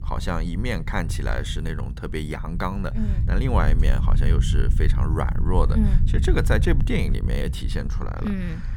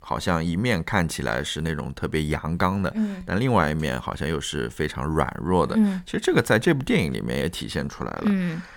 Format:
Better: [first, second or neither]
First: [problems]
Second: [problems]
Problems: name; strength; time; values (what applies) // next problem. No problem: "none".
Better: second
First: low rumble; noticeable; throughout; 10 dB below the speech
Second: none